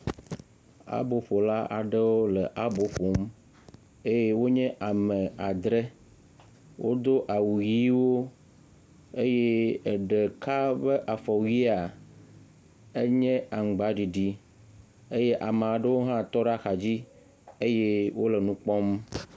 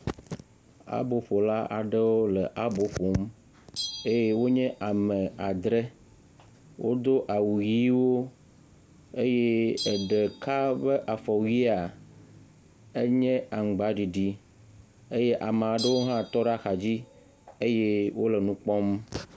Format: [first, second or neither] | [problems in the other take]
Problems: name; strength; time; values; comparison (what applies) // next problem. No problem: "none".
first | background sound (Bell); 20 dB below the speech